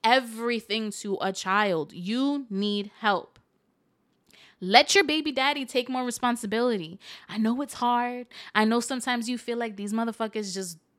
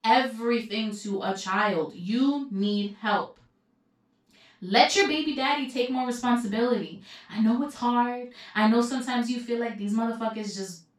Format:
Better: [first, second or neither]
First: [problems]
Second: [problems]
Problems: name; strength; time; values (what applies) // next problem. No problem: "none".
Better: first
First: none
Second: room echo; noticeable; dies away in 0.2 s // off-mic speech; far